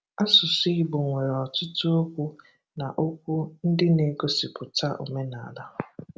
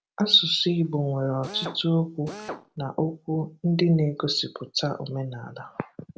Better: first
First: none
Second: background sound (Drill); 13 dB below the speech

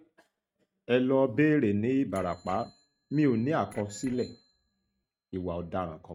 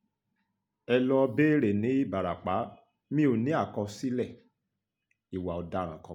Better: second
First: noise reduction (neural mask model RNNoise)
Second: none

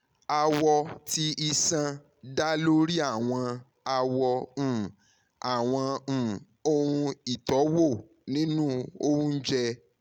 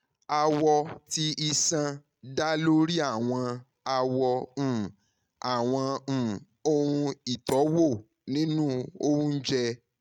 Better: first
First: none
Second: noise reduction (neural mask model RNNoise)

